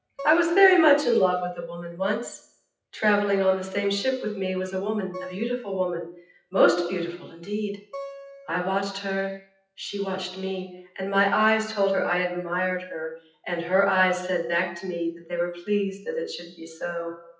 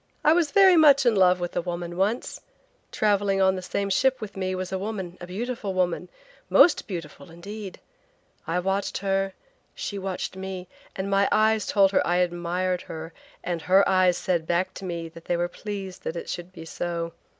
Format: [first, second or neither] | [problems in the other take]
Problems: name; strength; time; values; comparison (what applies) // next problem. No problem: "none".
second | noise reduction (classical method WPE with log-MMSE)